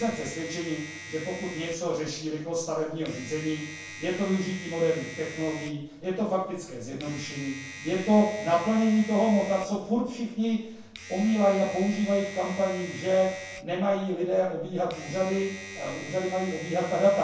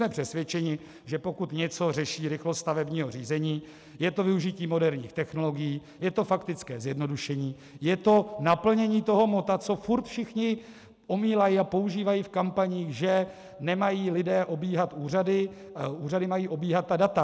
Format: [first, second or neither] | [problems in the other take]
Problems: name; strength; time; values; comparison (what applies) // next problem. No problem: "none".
second | background sound (Domestic sounds, home sounds); 15 dB below the speech // room echo; dies away in 0.6 s